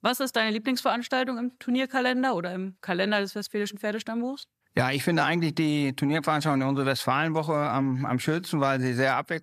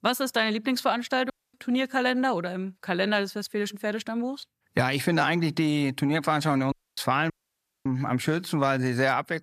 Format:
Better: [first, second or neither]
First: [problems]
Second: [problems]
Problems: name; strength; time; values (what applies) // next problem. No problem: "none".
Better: first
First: none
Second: audio cutting out; at 1.5 s, at 6.5 s and at 7.5 s for 0.5 s